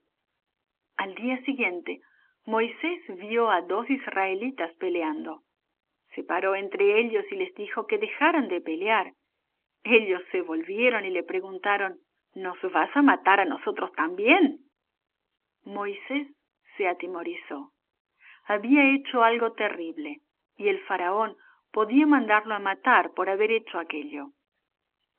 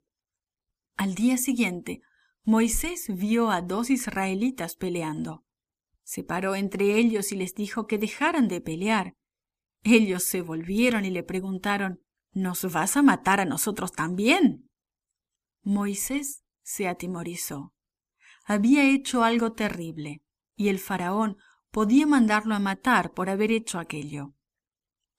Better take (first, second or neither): second